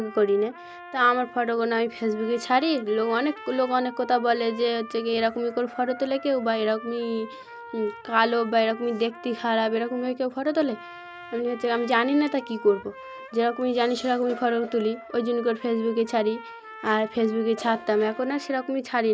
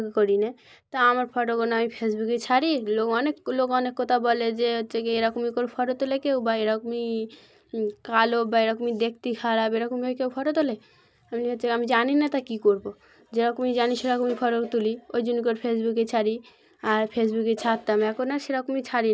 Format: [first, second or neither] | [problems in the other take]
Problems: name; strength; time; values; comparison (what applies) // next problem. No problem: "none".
second | background sound (Trumpet); 17 dB below the speech